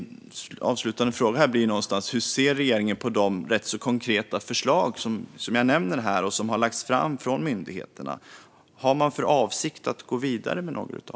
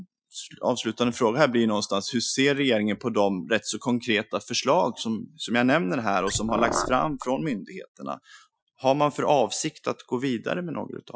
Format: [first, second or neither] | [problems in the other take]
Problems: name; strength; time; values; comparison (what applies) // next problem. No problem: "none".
first | noise reduction (classical method Wiener filter)